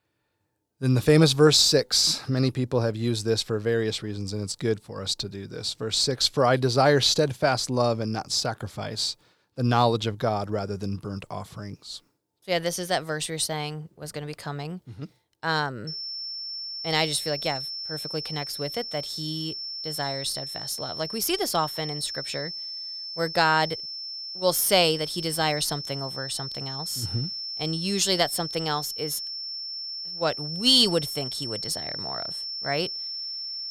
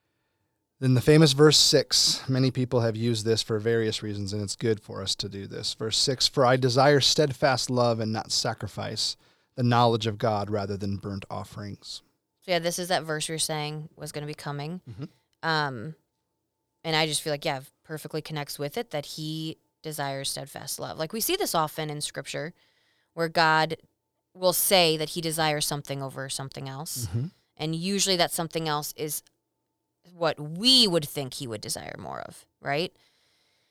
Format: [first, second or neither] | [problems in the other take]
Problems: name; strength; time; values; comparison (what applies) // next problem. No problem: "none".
second | high-pitched whine; loud; from 16 s on; 5.5 kHz, 7 dB below the speech